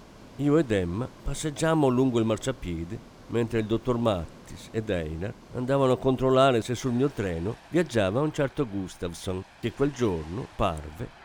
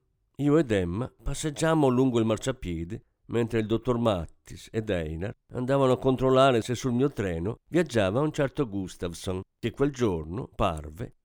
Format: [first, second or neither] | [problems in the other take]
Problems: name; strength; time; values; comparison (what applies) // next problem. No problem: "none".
second | rain or running water; faint; throughout; 20 dB below the speech